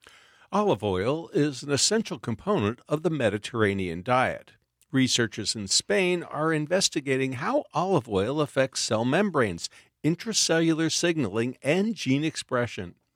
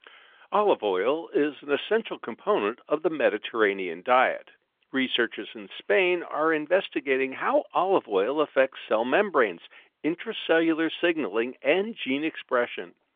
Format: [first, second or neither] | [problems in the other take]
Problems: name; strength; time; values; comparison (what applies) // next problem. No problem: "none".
first | phone-call audio; nothing above 3.5 kHz